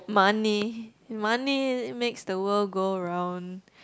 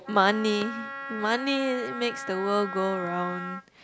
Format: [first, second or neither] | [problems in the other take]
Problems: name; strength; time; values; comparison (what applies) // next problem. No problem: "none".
first | background sound (Wind instrument, woodwind instrument); 9 dB below the speech